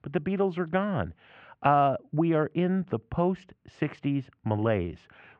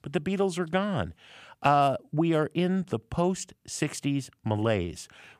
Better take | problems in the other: second | muffled; very; fading above 2.5 kHz

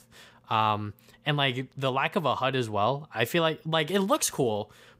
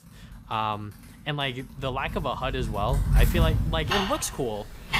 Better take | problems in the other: first | household noises; very loud; throughout; 2 dB above the speech

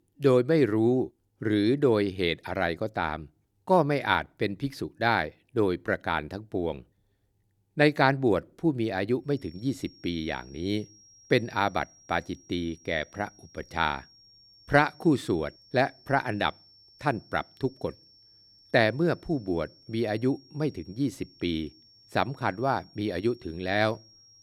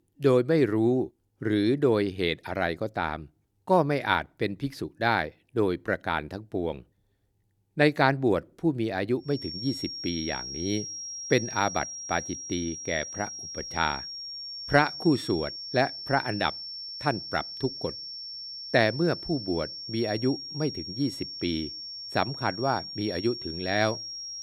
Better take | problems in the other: first | high-pitched whine; loud; from 9.5 s on; 5.5 kHz, 8 dB below the speech; faint in the first

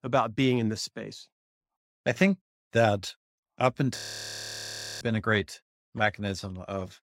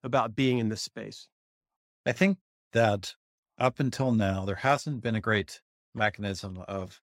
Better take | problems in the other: second | audio freezing; at 4 s for 1 s

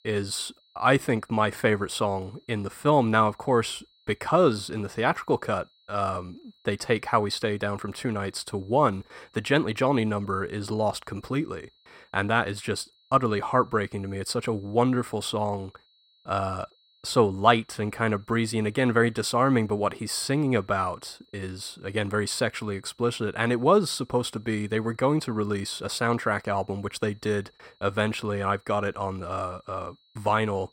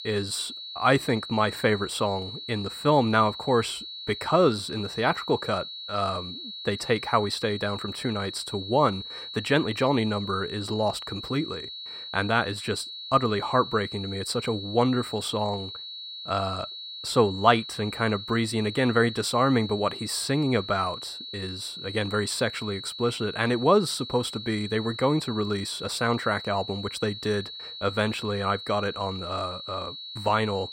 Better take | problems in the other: first | high-pitched whine; loud; throughout; 4 kHz, 9 dB below the speech; faint in the first

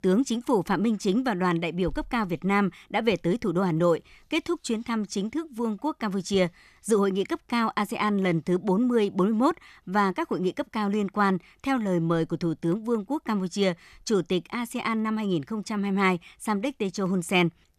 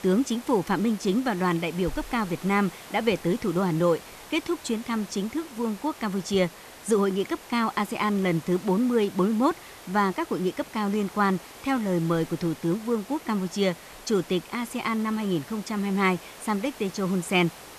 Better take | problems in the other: first | hiss; noticeable; throughout; 15 dB below the speech

